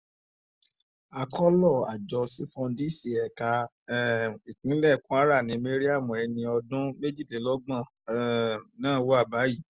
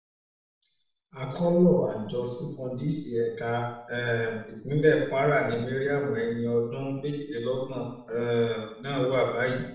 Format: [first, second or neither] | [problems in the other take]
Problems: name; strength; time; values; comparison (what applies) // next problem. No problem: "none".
first | room echo; dies away in 0.7 s